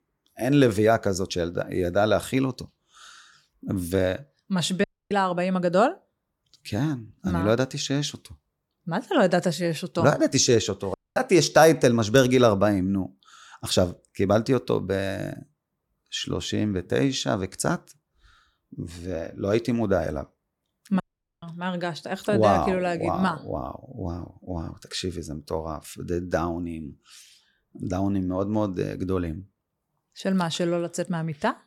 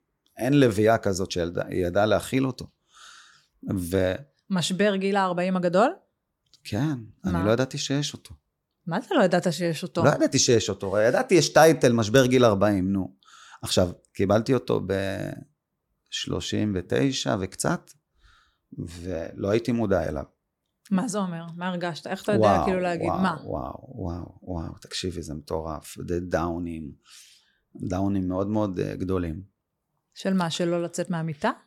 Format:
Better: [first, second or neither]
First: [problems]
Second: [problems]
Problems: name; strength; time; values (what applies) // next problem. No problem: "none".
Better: second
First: audio cutting out; at 5 s, at 11 s and at 21 s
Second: none